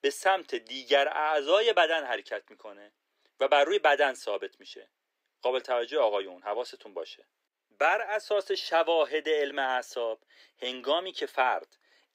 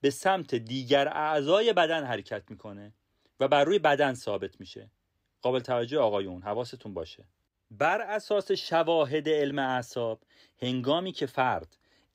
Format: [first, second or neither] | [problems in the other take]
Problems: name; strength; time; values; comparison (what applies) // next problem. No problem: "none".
second | thin; somewhat; fading below 400 Hz